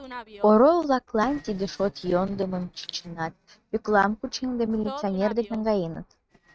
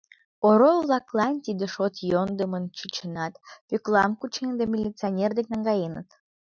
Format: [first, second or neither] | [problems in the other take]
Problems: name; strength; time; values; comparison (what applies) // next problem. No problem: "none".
second | noise reduction (neural mask model RNNoise)